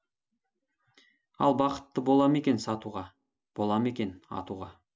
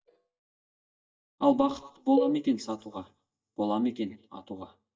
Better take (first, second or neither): first